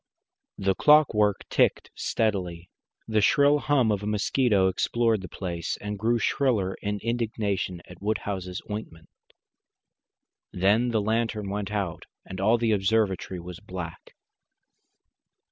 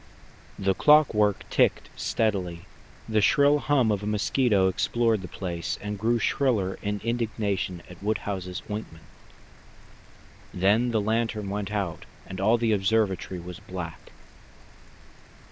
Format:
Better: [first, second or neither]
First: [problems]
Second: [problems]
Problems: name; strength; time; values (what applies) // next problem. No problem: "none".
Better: first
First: none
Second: background sound (Rain); 19 dB below the speech